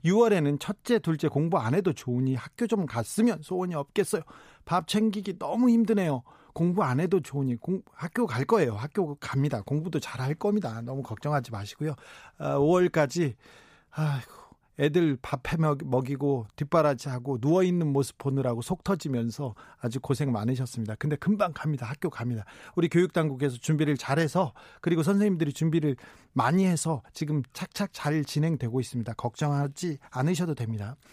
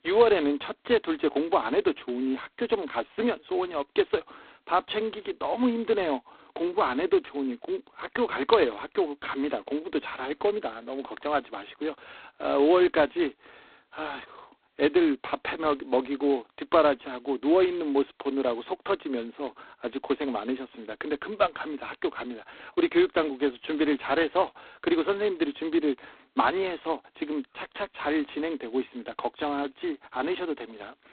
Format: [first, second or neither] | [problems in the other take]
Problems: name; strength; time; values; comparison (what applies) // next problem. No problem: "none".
first | phone-call audio; poor line; nothing above 4 kHz